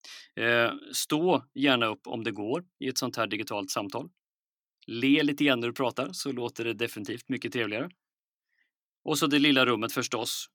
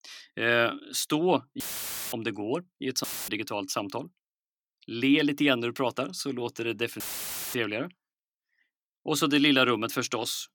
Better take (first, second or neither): first